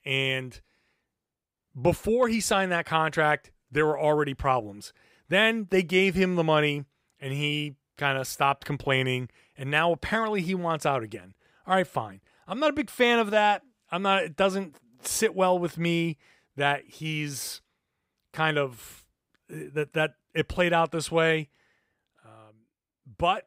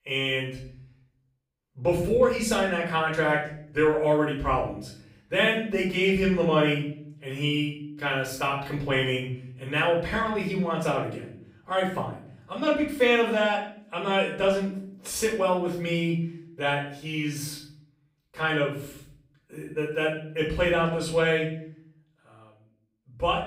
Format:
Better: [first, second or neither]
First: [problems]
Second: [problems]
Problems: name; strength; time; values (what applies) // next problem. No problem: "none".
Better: first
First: none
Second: off-mic speech; far // room echo; noticeable; dies away in 0.6 s